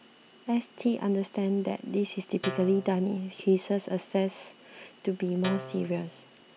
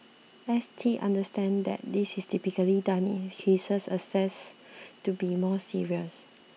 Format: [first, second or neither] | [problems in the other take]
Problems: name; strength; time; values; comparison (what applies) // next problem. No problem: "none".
second | background sound (Guitar); 11 dB below the speech